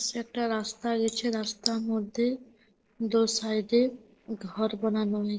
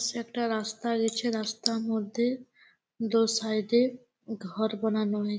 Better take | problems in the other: second | noise reduction (neural separator model SepFormer DNS4)

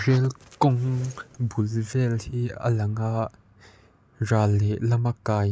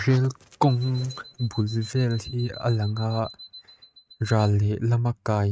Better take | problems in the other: first | noise reduction (neural mask model RNNoise)

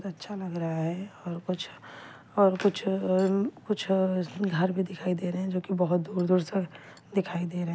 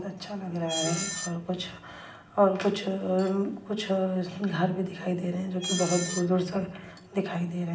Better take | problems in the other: first | background sound (Screech); 11 dB below the speech // room echo; dies away in 0.9 s

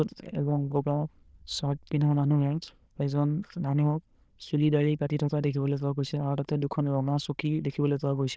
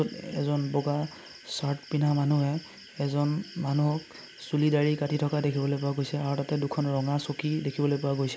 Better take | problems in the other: second | noise reduction (neural diffusion model UNIVERSE++)

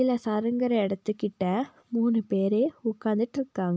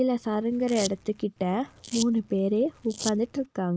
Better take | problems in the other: first | noise reduction (neural mask model Resemble Enhance denoiser)

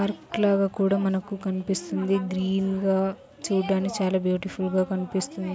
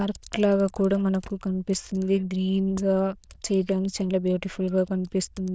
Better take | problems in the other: first | noise reduction (neural diffusion model UNIVERSE++)

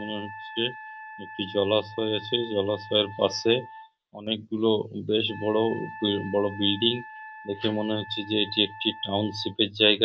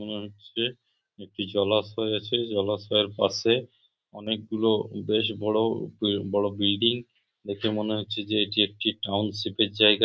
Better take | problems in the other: second | background sound (Wind instrument, woodwind instrument); 16 dB below the speech

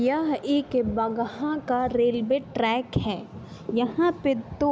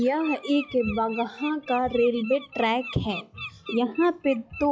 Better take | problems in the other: first | noise reduction (classical method log-MMSE)

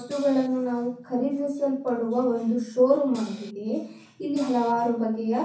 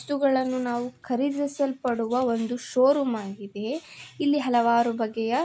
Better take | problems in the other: second | background sound (Cymbal); 18 dB below the speech // room echo; dies away in 0.6 s

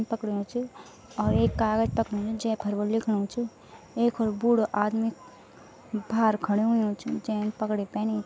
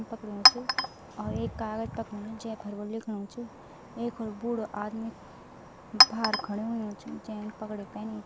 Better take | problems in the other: first | background sound (Chink, clink); 4 dB above the speech

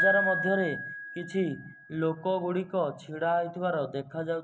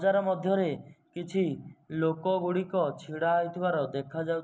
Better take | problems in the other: second | background sound (Piano); 5 dB below the speech

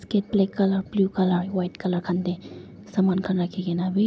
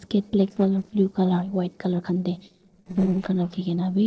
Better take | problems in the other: first | noise reduction (neural separator model SepFormer DNS4)

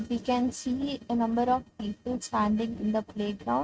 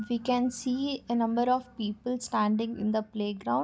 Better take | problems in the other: second | noise reduction (neural mask model RNNoise)

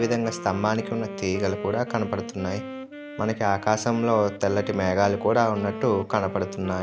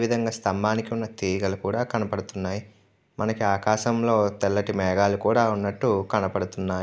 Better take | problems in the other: second | background sound (Wind instrument, woodwind instrument); 11 dB below the speech

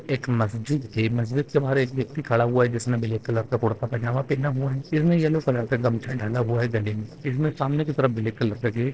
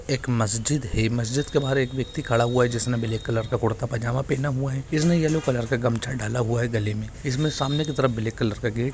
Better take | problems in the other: second | noise reduction (neural separator model SepFormer DNS4)

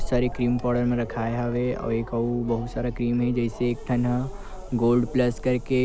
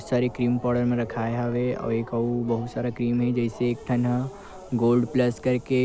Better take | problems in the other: second | background sound (Engine starting / Car); 10 dB below the speech

